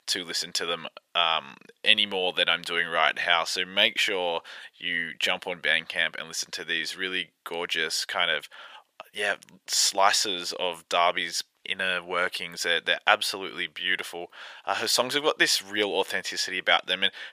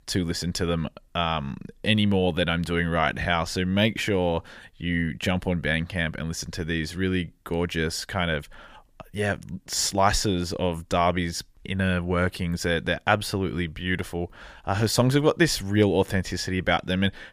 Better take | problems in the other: second | thin; very; fading below 600 Hz

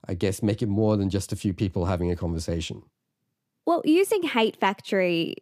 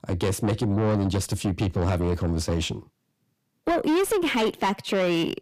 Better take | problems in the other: first | distortion; heavy; 7 dB below the speech

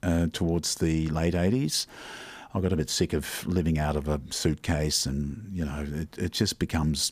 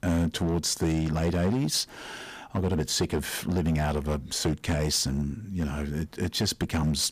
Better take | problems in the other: first | distortion; slight; 8% of the sound clipped

